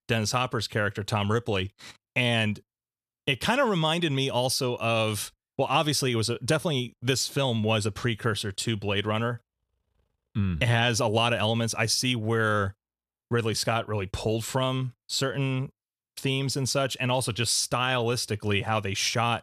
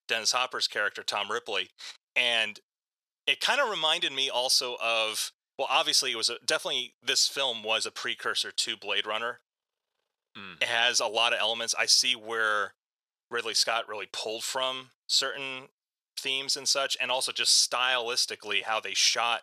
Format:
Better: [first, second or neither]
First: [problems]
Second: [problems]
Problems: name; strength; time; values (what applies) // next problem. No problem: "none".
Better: first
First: none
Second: thin; very; fading below 600 Hz